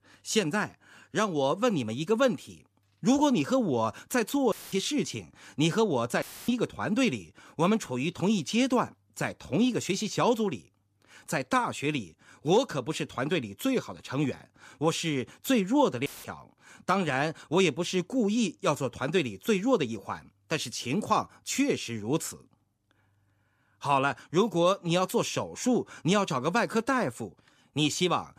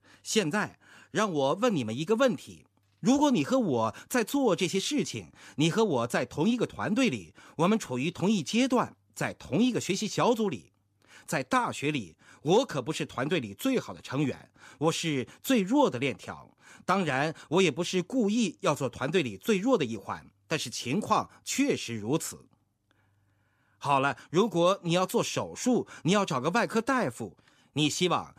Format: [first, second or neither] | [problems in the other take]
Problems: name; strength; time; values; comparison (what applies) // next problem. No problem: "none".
second | audio cutting out; filled with static; at 4.5 s, at 6 s and at 16 s